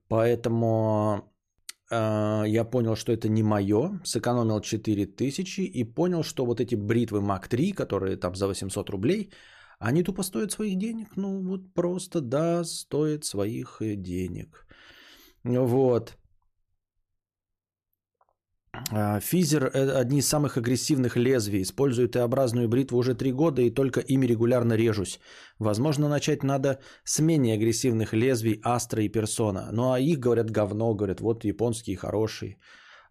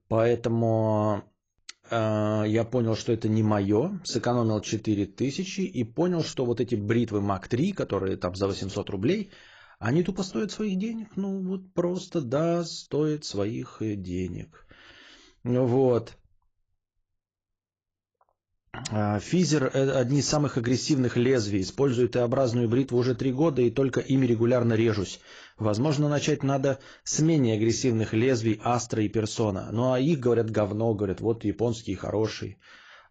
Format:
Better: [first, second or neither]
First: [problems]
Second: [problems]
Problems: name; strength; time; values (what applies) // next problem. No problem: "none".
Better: first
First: none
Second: garbled, watery; badly; nothing above 7.5 kHz